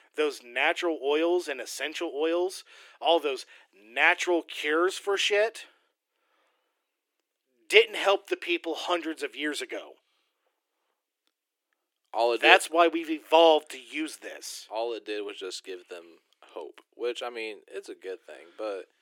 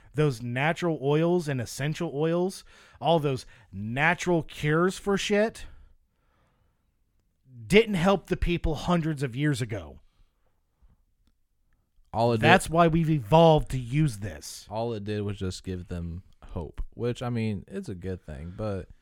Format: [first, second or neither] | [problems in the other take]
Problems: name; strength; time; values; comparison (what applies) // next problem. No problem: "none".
second | thin; very; fading below 300 Hz